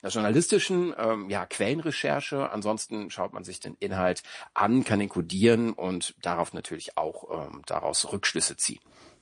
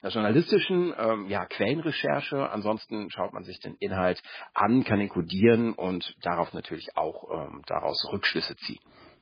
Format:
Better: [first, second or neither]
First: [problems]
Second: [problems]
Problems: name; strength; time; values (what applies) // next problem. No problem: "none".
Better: first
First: garbled, watery; slightly; nothing above 9 kHz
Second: garbled, watery; badly; nothing above 4.5 kHz